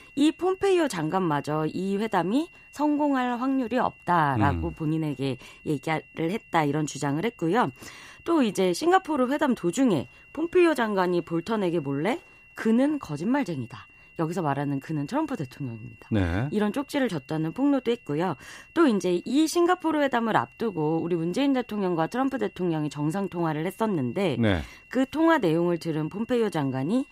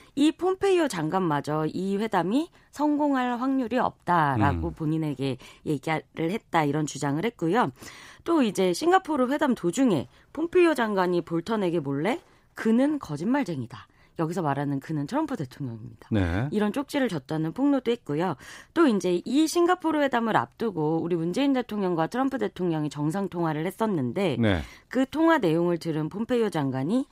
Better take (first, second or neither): second